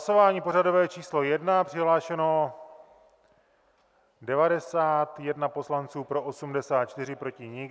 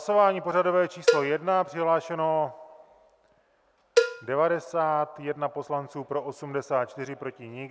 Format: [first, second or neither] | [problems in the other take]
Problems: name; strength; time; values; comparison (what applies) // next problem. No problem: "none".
first | background sound (Cowbell); 4 dB below the speech